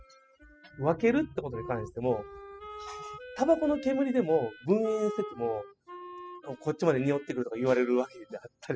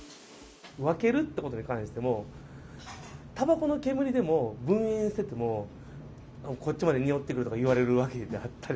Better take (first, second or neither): second